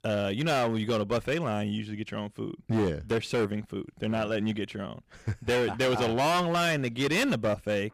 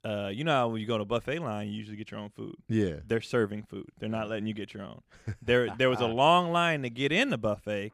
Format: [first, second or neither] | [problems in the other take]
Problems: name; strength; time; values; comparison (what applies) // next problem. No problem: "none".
second | distortion; heavy; 13% of the sound clipped